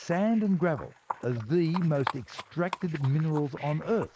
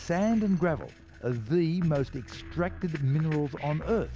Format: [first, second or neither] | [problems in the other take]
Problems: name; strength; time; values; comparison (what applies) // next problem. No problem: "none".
second | noise reduction (neural mask model Resemble Enhance denoiser)